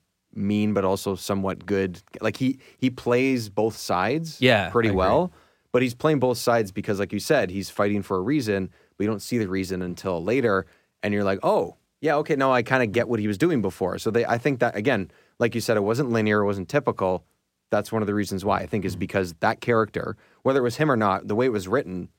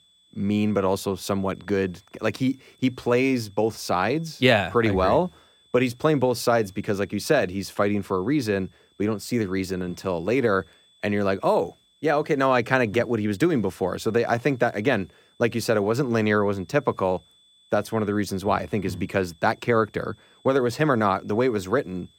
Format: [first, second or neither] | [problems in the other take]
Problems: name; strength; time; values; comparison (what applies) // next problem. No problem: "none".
first | high-pitched whine; faint; throughout; 3.5 kHz, 35 dB below the speech